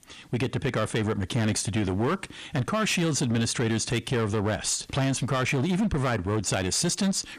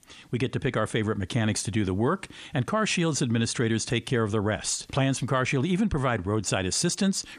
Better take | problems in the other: second | distortion; slight; 15% of the sound clipped

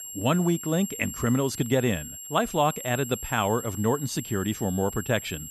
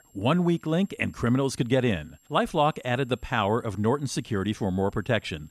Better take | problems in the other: second | high-pitched whine; loud; throughout; 7.5 kHz, 10 dB below the speech; faint in the second

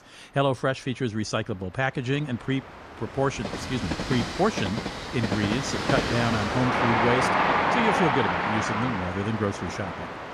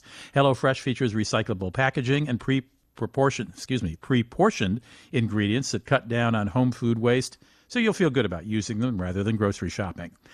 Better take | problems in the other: second | train or aircraft noise; very loud; throughout; 1 dB above the speech

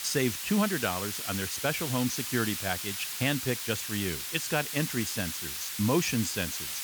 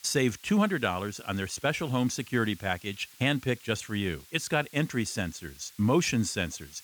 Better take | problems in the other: second | hiss; loud; throughout; 3 dB below the speech; faint in the second

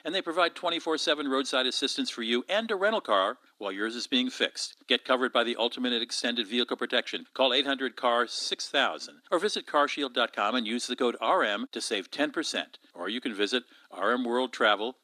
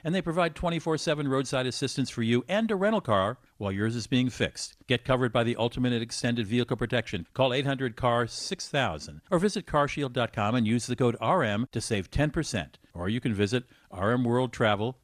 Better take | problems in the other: second | thin; very slightly; fading below 250 Hz

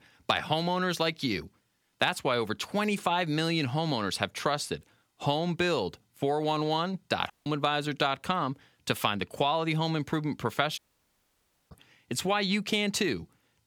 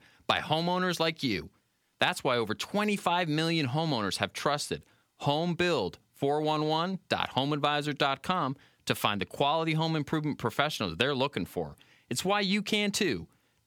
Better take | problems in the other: second | audio cutting out; at 7.5 s and at 11 s for 1 s

